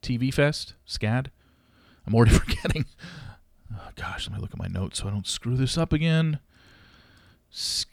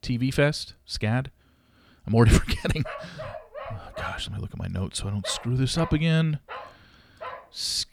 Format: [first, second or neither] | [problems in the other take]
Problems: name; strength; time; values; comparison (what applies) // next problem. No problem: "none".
first | dog barking; faint; from 3 to 7.5 s; peak 10 dB below the speech